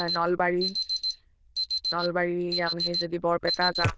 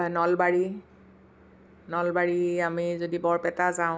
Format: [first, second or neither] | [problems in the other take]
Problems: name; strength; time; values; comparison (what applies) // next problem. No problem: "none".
second | noise reduction (neural diffusion model UNIVERSE++)